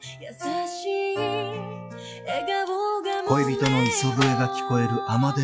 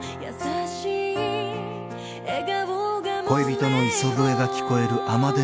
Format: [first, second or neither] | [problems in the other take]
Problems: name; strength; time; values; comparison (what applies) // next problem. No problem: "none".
second | noise reduction (classical method log-MMSE)